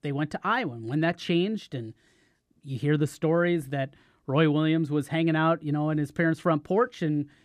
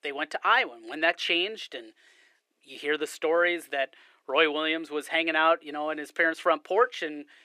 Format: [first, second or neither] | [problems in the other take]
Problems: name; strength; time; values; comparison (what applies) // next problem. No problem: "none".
first | thin; very; fading below 450 Hz